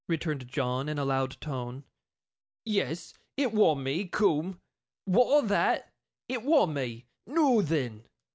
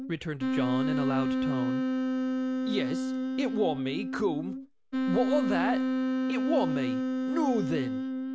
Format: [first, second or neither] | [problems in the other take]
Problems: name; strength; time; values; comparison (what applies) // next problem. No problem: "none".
first | background sound (Wind instrument, woodwind instrument); 3 dB above the speech